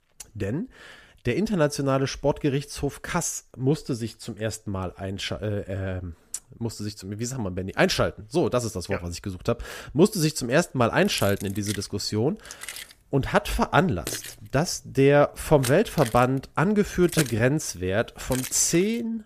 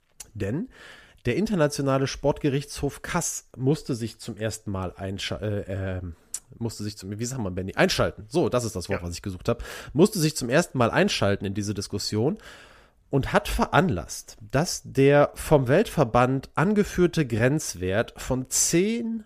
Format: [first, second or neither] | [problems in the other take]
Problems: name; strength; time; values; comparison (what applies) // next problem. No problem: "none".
second | jangling keys; noticeable; from 11 to 18 s; peak 4 dB below the speech